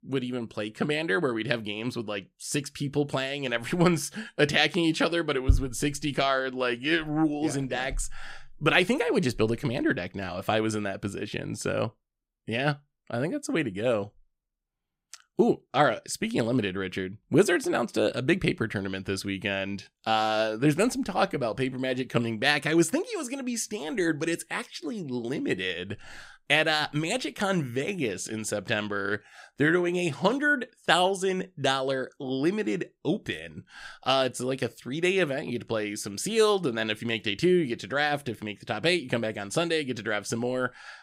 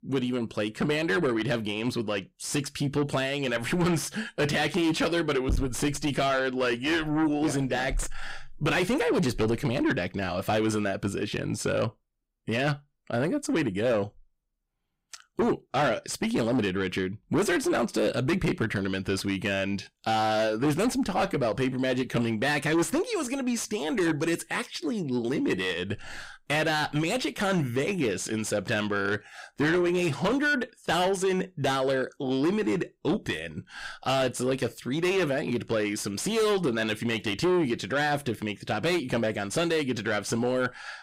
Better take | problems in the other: first | distortion; heavy; 7 dB below the speech

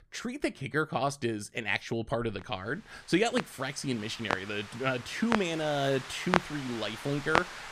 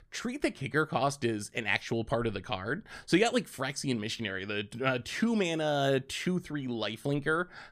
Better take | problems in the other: second | household noises; loud; from 3 s on; 3 dB below the speech

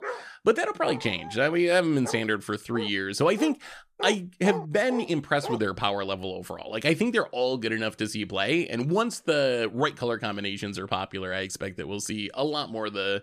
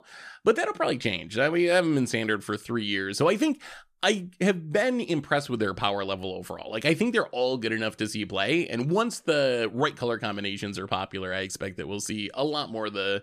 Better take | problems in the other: second | dog barking; noticeable; until 5.5 s; peak 7 dB below the speech

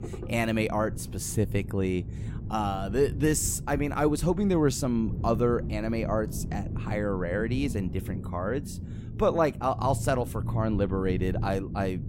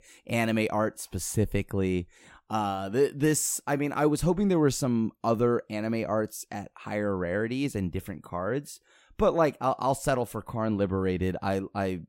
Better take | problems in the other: second | low rumble; noticeable; throughout; 15 dB below the speech

